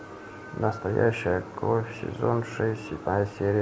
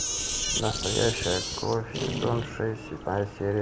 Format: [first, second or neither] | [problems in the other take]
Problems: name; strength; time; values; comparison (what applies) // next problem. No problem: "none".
first | background sound (Sink (filling or washing)); 3 dB below the speech